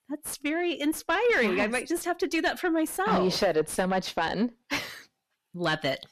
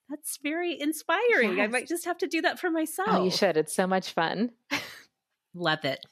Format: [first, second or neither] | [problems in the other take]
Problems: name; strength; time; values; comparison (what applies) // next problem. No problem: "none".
second | distortion; slight; 10 dB below the speech